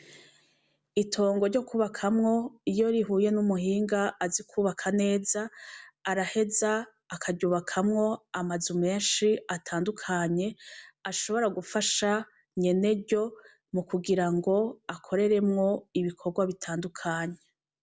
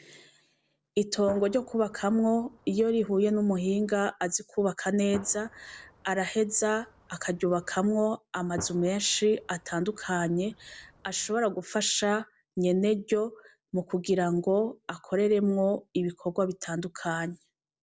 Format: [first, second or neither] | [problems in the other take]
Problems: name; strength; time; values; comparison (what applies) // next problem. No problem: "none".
first | noise reduction (neural separator model SepFormer DNS4)